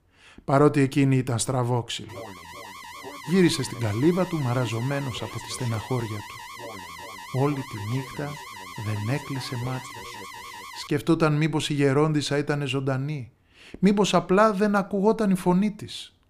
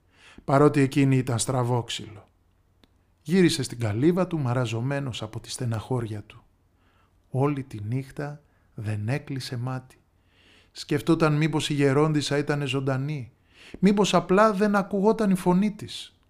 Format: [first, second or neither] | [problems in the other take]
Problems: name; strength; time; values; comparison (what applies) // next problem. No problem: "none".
second | alarm; faint; from 2 to 11 s; peak 15 dB below the speech